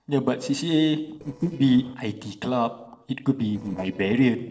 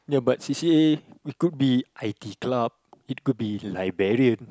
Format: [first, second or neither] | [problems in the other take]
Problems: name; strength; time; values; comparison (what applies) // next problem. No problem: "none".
second | noise reduction (neural separator model SepFormer DNS4)